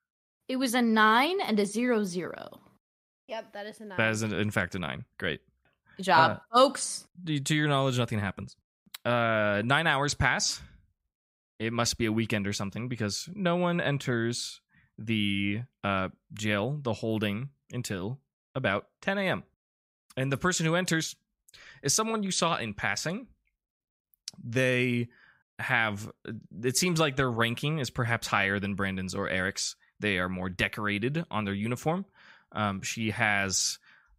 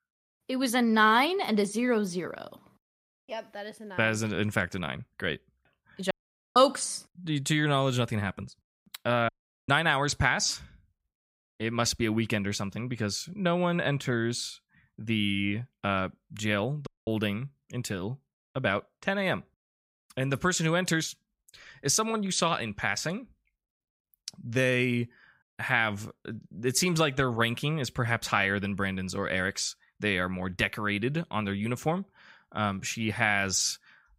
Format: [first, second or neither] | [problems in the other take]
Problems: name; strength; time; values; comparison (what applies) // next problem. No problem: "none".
first | audio cutting out; at 6 s, at 9.5 s and at 17 s